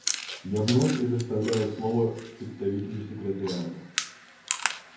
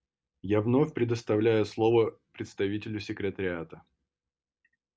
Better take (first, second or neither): second